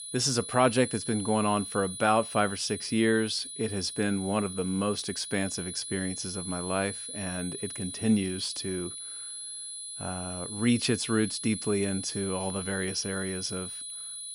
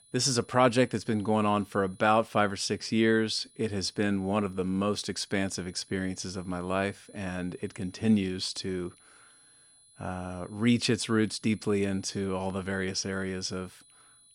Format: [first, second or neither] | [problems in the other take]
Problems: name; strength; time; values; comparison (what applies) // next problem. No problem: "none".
second | high-pitched whine; loud; throughout; 10 kHz, 7 dB below the speech; faint in the second